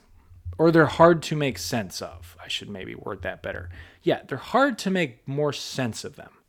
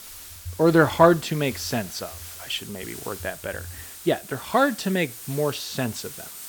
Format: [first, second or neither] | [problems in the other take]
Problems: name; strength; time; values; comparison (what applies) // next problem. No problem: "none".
first | hiss; noticeable; throughout; 15 dB below the speech